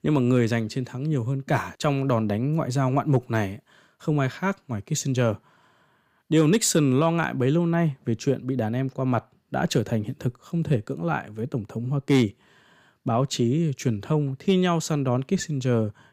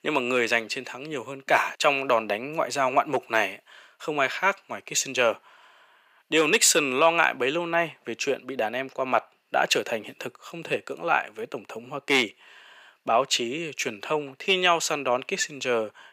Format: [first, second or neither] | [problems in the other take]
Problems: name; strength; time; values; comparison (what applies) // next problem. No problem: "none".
first | thin; very; fading below 650 Hz